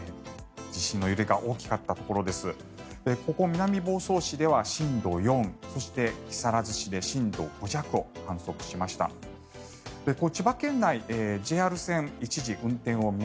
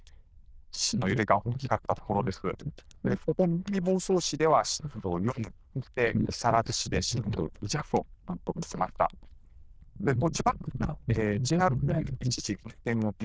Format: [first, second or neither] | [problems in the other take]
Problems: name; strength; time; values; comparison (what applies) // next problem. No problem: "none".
first | noise reduction (neural diffusion model UNIVERSE++)